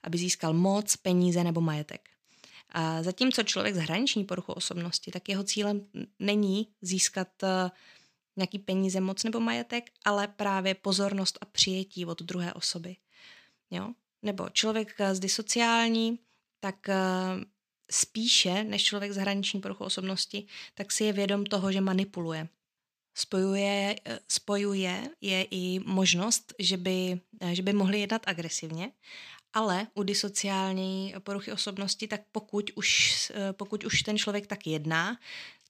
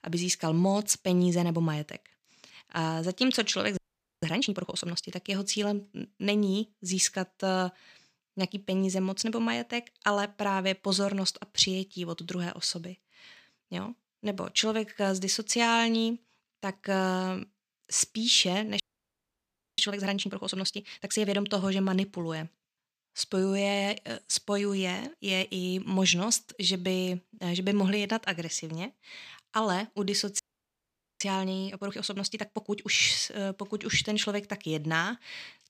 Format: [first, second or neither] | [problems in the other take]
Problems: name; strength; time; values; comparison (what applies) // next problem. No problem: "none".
first | audio freezing; at 4 s, at 19 s for 1 s and at 30 s for 1 s